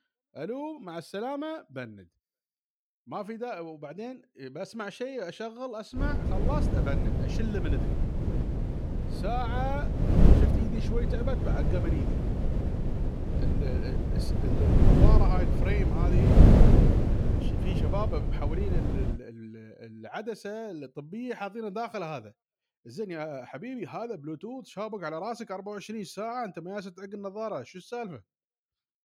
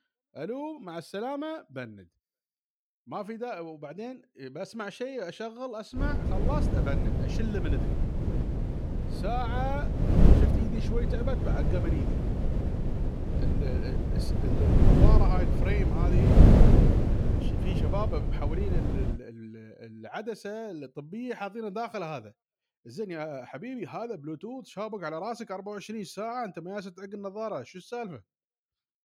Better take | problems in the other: neither | wind noise on the microphone; heavy; from 6 to 19 s; 1 dB above the speech; the same in both

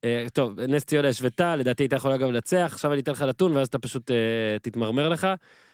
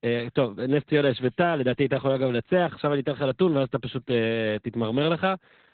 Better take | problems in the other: first | garbled, watery; badly; nothing above 4 kHz; slightly in the first

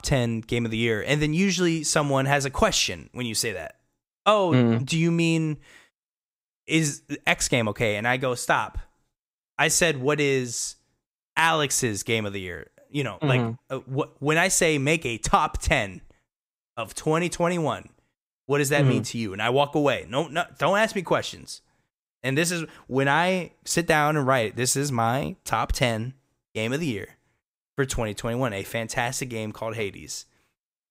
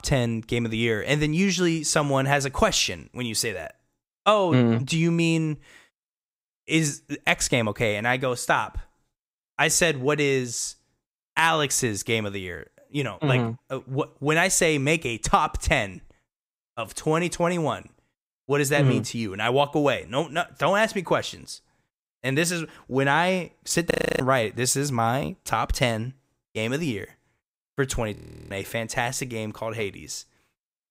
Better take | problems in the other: first | audio freezing; at 24 s and at 28 s

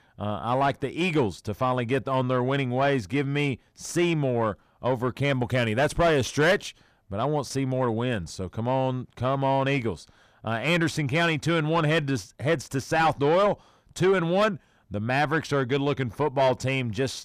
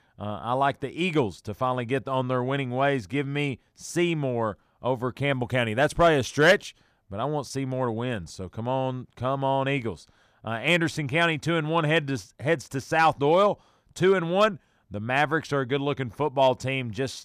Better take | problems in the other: second | distortion; slight; 10 dB below the speech

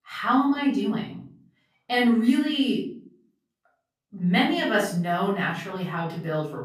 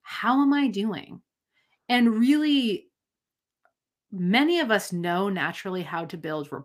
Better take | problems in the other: second | room echo; slight; dies away in 0.4 s // off-mic speech; far

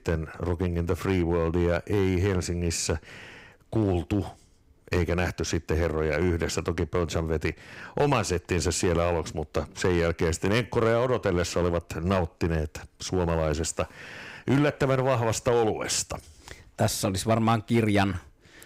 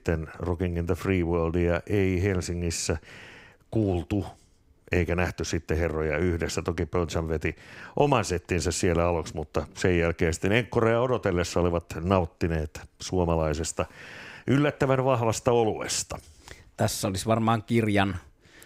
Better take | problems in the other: second | distortion; slight; 3% of the sound clipped

